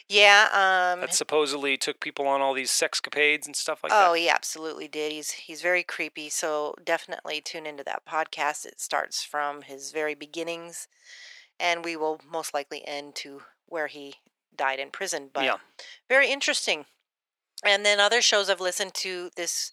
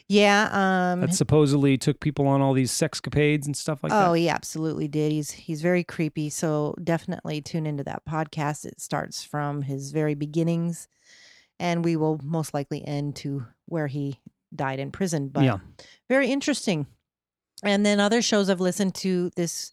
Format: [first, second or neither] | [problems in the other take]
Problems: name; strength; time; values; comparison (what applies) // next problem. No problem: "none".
second | thin; very; fading below 500 Hz